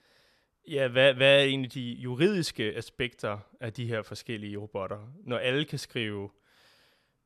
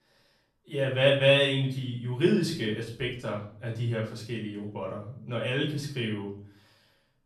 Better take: first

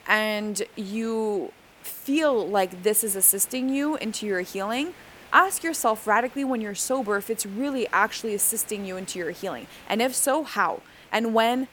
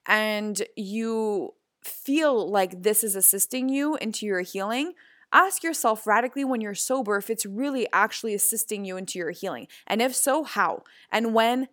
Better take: second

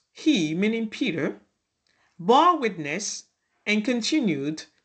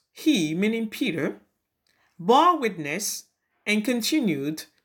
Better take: second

